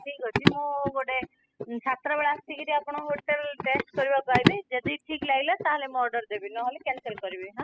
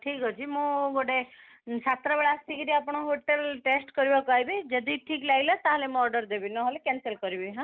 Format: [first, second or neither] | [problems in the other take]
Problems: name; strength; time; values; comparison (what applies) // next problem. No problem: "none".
second | noise reduction (classical method spectral subtraction)